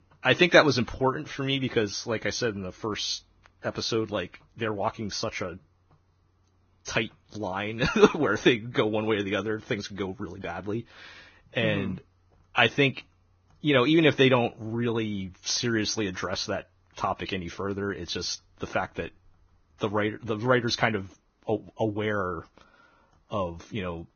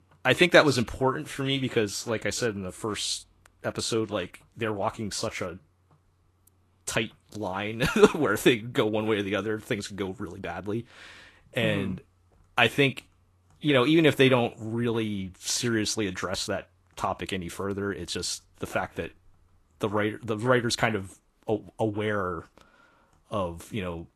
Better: second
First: garbled, watery; badly; nothing above 6.5 kHz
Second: garbled, watery; slightly; nothing above 12.5 kHz

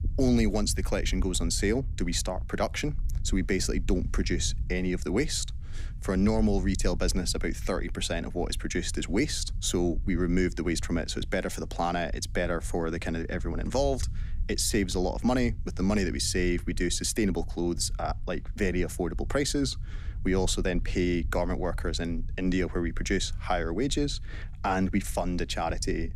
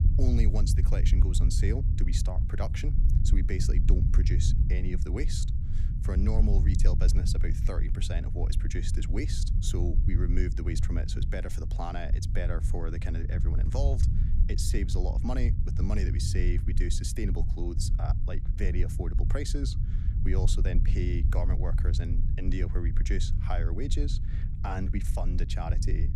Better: first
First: low rumble; faint; throughout; 25 dB below the speech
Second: low rumble; loud; throughout; 6 dB below the speech

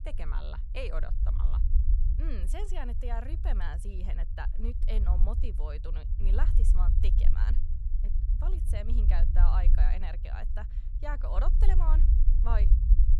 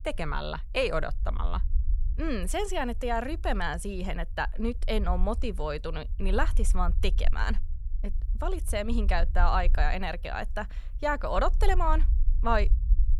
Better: second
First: low rumble; loud; throughout; 8 dB below the speech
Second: low rumble; faint; throughout; 25 dB below the speech

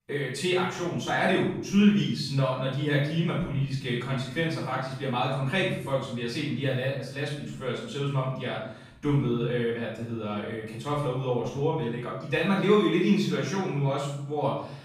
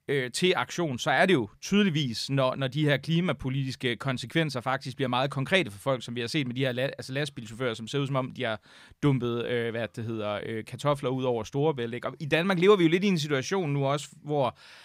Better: second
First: off-mic speech; far // room echo; noticeable; dies away in 0.7 s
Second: none

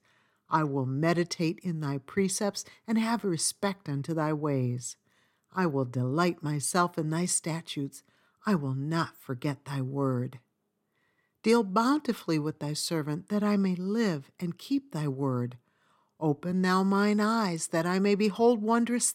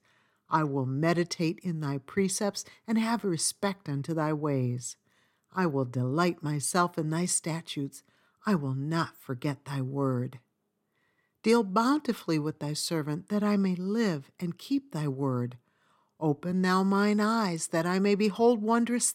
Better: neither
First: none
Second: none

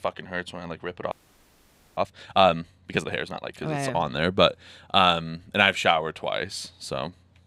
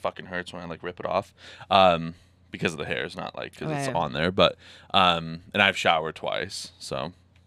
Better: second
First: audio freezing; at 1 s for 1 s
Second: none

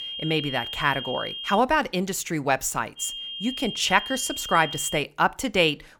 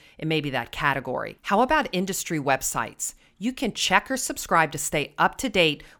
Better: second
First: high-pitched whine; loud; until 1.5 s and from 3 to 5 s; 3 kHz, 8 dB below the speech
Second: none

